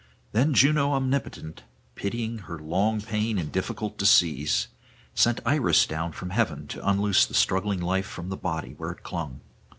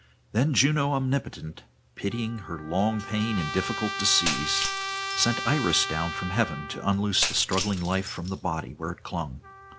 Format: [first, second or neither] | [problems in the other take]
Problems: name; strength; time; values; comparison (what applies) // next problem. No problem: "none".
first | background sound (Shatter + Trumpet); 7 dB below the speech